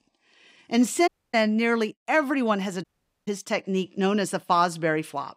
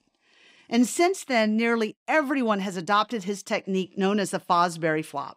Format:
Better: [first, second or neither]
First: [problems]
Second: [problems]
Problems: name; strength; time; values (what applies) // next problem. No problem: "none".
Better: second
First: audio cutting out; at 1 s and at 3 s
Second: none